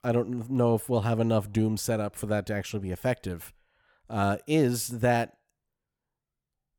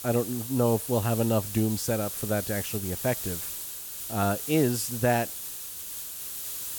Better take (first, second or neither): first